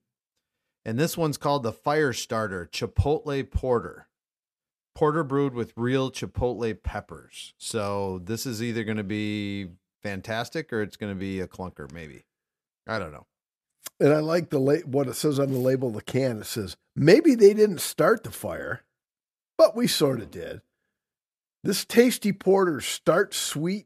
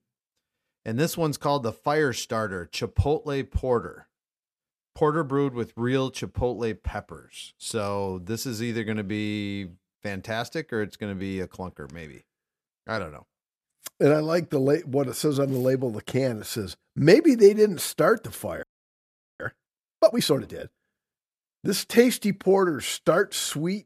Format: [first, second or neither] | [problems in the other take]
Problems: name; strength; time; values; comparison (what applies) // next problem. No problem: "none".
first | audio freezing; at 19 s for 1 s